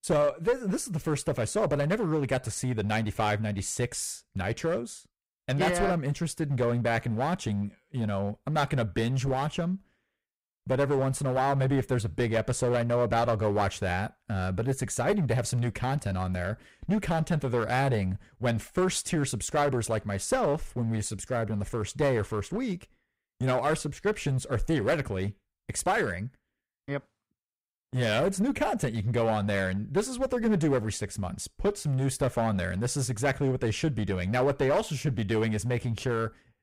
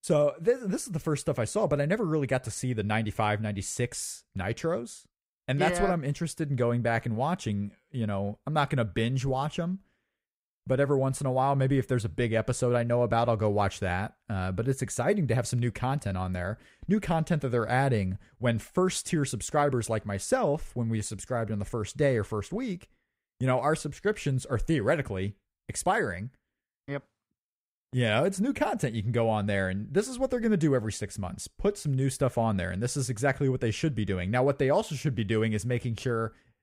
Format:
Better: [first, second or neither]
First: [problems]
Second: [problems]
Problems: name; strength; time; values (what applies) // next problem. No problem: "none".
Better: second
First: distortion; slight; 8% of the sound clipped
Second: none